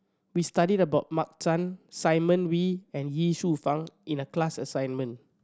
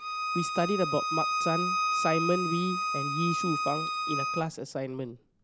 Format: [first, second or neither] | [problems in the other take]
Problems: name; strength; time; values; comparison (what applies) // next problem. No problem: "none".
first | background sound (Bowed string instrument); as loud as the speech